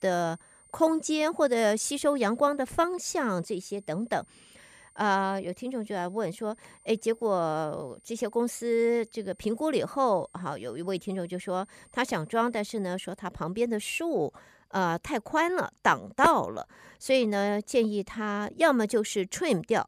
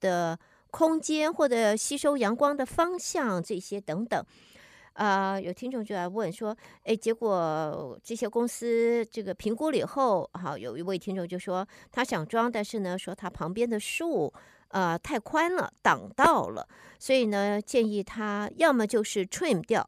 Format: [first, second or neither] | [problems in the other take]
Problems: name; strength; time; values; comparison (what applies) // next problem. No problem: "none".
second | high-pitched whine; faint; until 13 s; 9 kHz, 30 dB below the speech